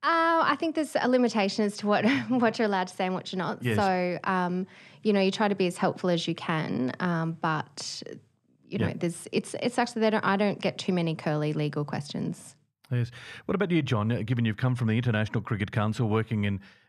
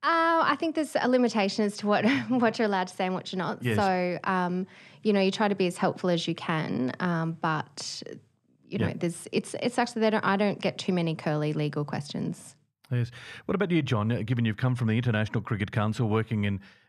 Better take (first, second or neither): neither